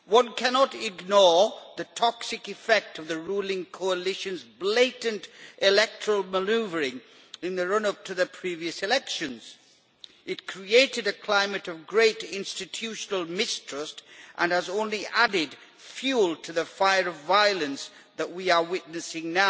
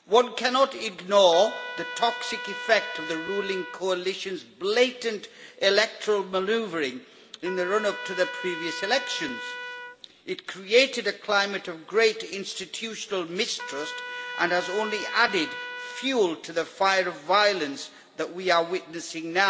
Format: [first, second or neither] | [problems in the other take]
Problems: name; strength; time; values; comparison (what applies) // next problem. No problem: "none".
first | background sound (Trumpet); 13 dB below the speech // room echo; dies away in 2.2 s